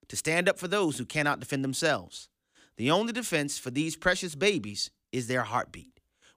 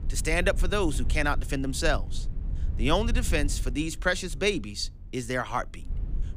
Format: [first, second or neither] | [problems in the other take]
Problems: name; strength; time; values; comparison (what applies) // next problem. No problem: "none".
first | low rumble; faint; throughout; 20 dB below the speech